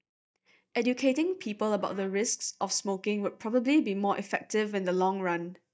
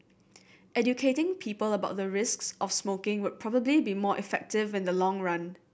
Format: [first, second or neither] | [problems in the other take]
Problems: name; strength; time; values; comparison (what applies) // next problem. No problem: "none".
second | noise reduction (neural mask model DeepFilterNet 3)